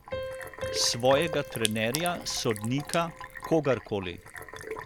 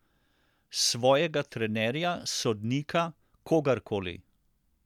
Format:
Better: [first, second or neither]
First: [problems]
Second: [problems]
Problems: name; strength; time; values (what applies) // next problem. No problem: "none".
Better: second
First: background sound (Piano + Sink (filling or washing)); 8 dB below the speech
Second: none